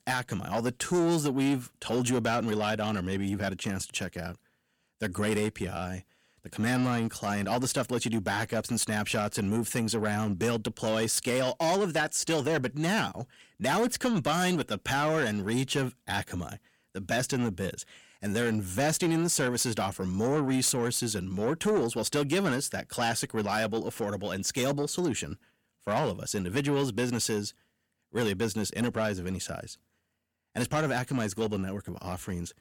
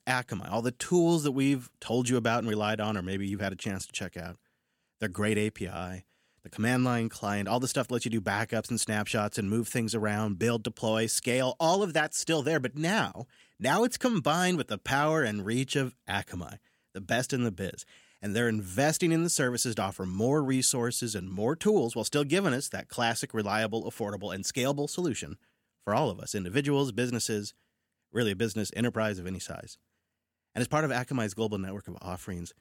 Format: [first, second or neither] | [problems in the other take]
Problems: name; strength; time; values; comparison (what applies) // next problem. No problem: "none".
second | distortion; slight; 10 dB below the speech